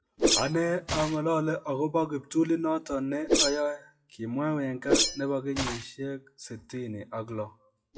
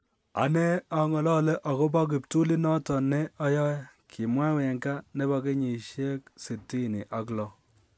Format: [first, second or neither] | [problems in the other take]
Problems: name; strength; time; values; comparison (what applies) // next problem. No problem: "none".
second | noise reduction (classical method WPE with log-MMSE)